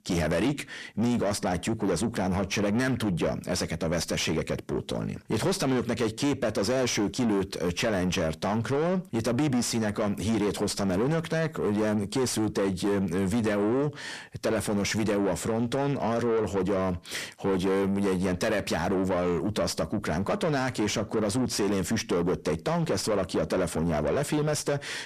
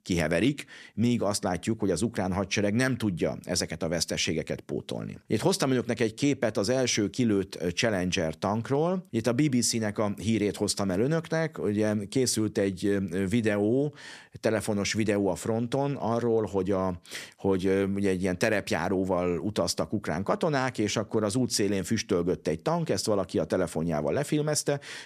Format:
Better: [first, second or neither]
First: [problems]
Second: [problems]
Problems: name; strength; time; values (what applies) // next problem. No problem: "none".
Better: second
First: distortion; heavy; 8 dB below the speech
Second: none